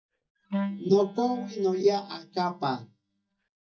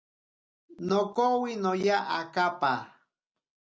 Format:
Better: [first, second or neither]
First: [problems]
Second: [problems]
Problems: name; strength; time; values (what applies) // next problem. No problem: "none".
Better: second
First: noise reduction (neural mask model DeepFilterNet 3)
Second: none